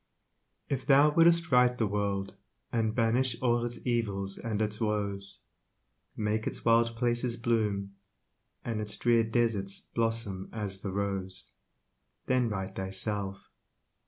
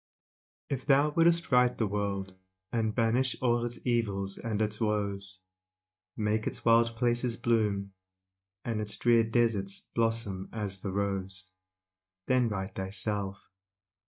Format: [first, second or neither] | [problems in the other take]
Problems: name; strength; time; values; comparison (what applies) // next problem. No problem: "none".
first | noise reduction (neural mask model DeepFilterNet 3)